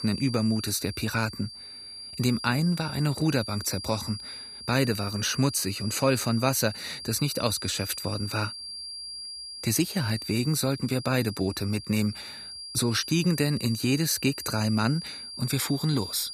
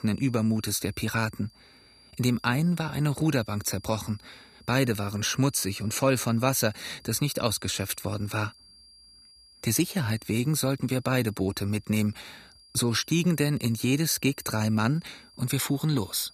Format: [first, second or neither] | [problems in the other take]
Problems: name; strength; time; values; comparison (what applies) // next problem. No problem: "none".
second | high-pitched whine; loud; throughout; 4.5 kHz, 9 dB below the speech; faint in the second